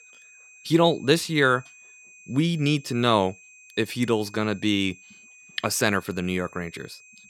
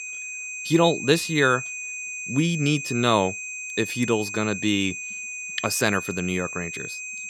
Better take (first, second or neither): first